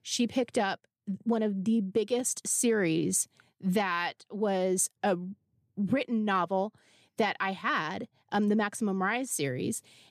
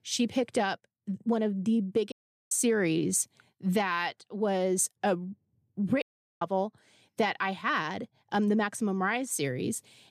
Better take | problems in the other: first | audio cutting out; at 2 s and at 6 s

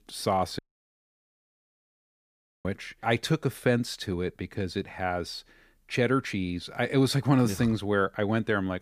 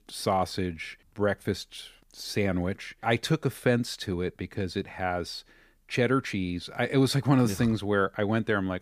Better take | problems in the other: second | audio cutting out; at 0.5 s for 2 s

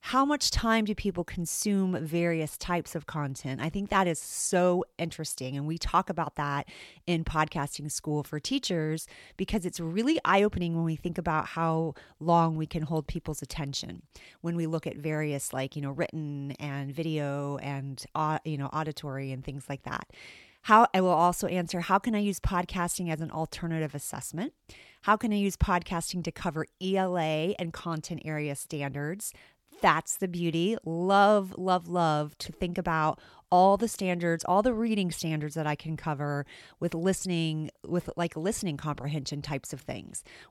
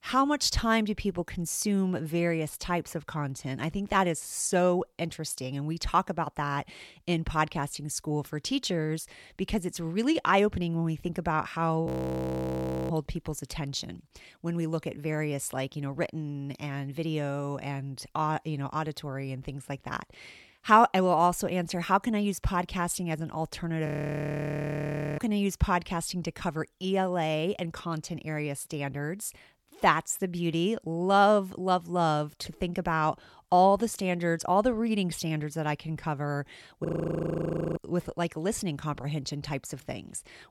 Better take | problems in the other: first | audio freezing; at 12 s for 1 s, at 24 s for 1.5 s and at 37 s for 1 s

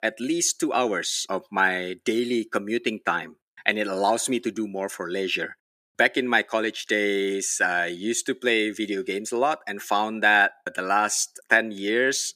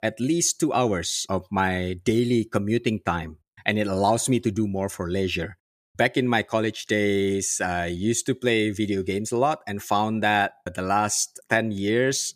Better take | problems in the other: second | thin; somewhat; fading below 250 Hz

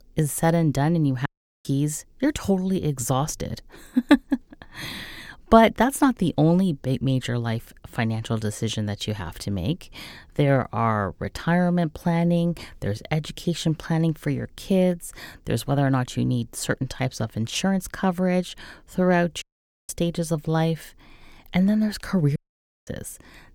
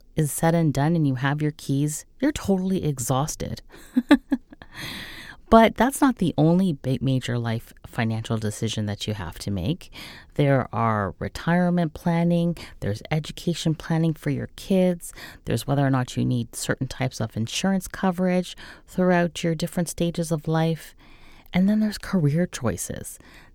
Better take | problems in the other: second | audio cutting out; at 1.5 s, at 19 s and at 22 s for 0.5 s

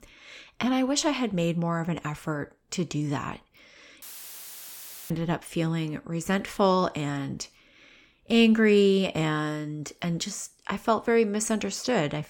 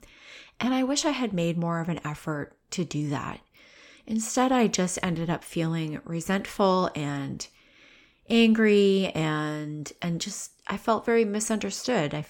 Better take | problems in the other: second | audio cutting out; filled with static; at 4 s for 1 s

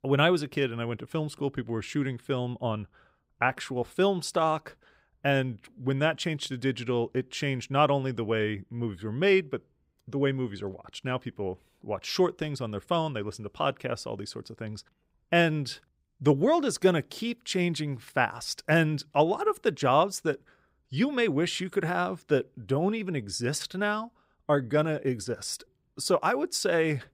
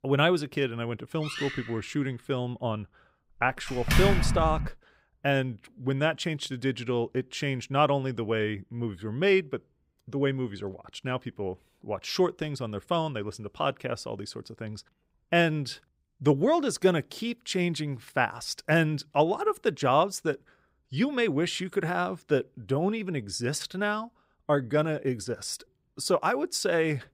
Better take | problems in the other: first | door banging; loud; from 1.5 to 4.5 s; peak 4 dB above the speech

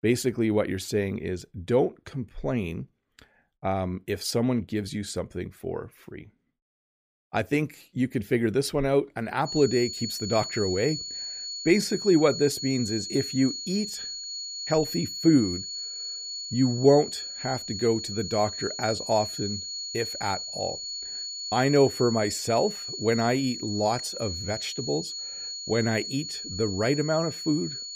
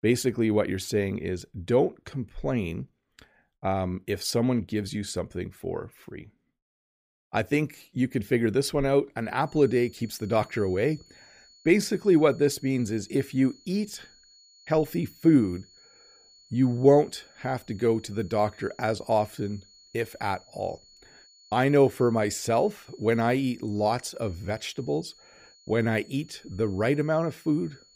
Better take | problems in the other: second | high-pitched whine; loud; from 9.5 s on; 4.5 kHz, 6 dB below the speech; faint in the second

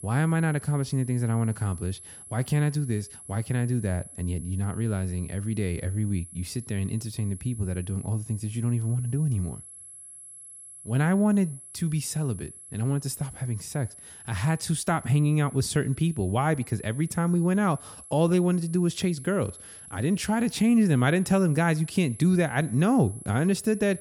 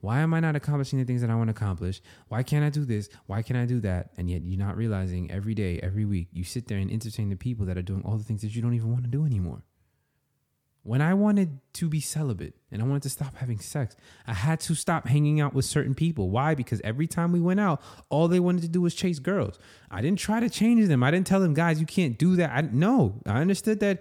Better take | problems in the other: second | high-pitched whine; noticeable; throughout; 11 kHz, 15 dB below the speech

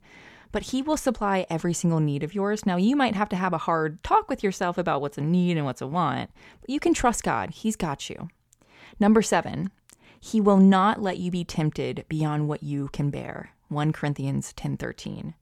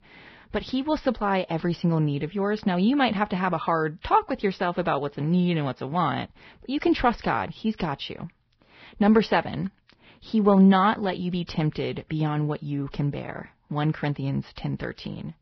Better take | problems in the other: first | garbled, watery; badly; nothing above 5.5 kHz

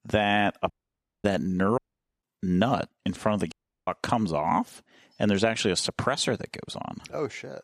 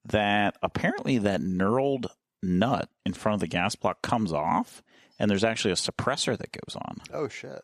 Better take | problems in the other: second | audio cutting out; at 0.5 s for 0.5 s, at 2 s and at 3.5 s

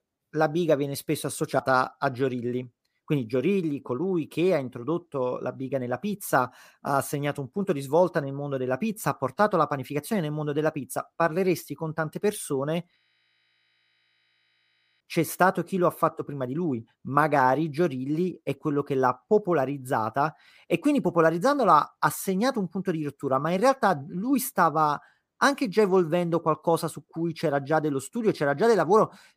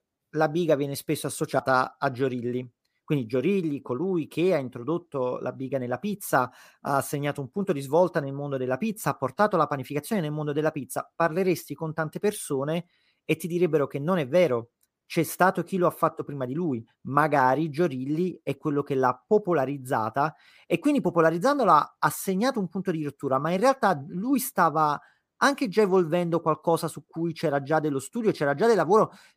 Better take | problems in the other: second | audio freezing; at 13 s for 2 s

